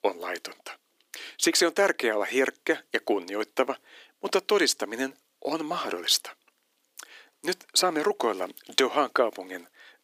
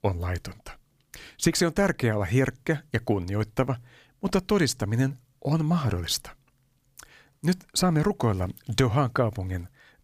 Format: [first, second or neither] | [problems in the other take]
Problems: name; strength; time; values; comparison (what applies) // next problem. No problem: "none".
second | thin; very; fading below 300 Hz